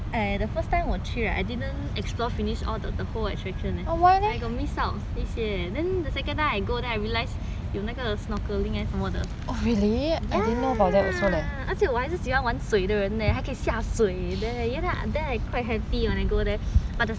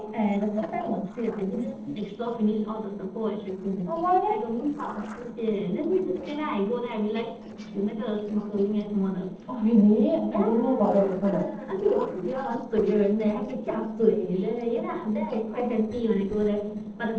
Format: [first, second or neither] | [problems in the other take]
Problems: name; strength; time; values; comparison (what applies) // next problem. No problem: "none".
first | noise reduction (neural separator model SepFormer DNS4)